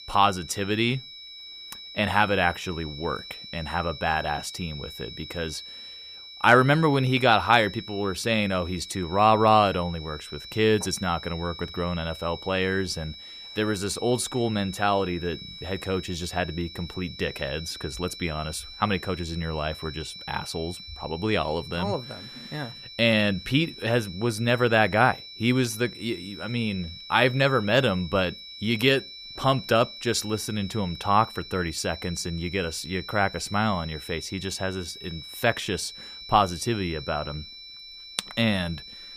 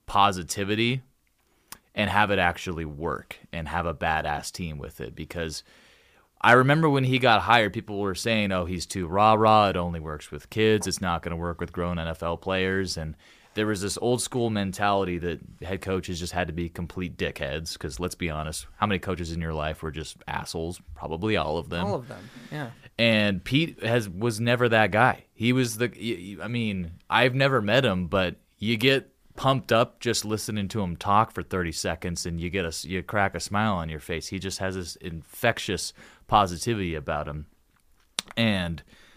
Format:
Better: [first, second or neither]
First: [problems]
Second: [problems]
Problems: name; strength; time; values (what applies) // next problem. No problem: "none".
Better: second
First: high-pitched whine; noticeable; throughout; 4 kHz, 15 dB below the speech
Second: none